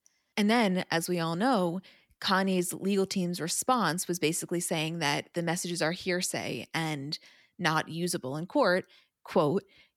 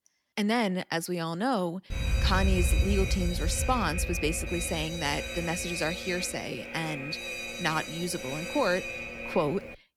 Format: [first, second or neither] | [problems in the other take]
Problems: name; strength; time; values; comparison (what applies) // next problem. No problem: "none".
first | alarm; loud; from 2 to 9.5 s; peak 4 dB above the speech